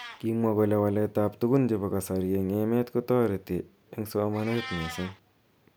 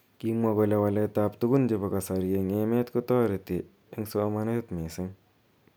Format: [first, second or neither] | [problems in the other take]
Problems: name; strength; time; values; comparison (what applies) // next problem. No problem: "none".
second | background sound (Meow); 19 dB below the speech